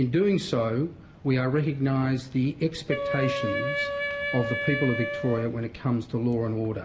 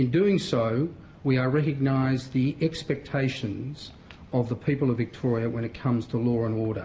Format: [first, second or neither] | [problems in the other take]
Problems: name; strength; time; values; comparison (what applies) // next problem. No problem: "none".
second | background sound (Wind instrument, woodwind instrument); 5 dB below the speech